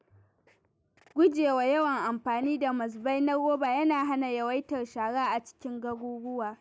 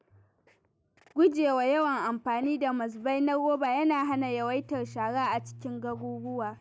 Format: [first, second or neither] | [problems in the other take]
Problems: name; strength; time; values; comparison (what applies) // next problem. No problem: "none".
first | background sound (Bass guitar); 17 dB below the speech